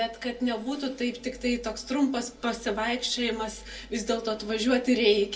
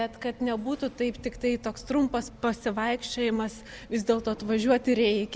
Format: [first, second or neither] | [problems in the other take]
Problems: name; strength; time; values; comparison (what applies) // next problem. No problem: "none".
second | room echo; dies away in 0.2 s